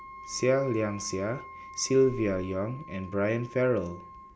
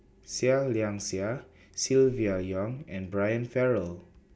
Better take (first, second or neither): second